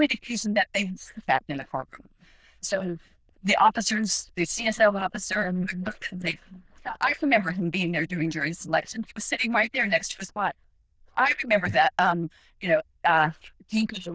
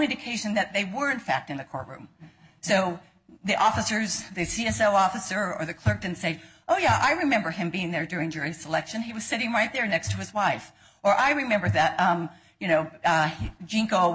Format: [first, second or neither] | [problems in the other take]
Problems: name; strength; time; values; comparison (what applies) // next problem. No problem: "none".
second | noise reduction (neural diffusion model UNIVERSE++)